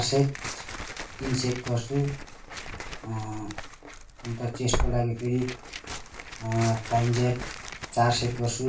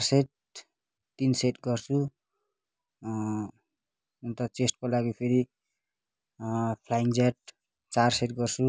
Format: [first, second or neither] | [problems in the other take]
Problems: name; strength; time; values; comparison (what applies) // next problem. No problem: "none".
second | background sound (Tearing); 7 dB below the speech // room echo; dies away in 0.2 s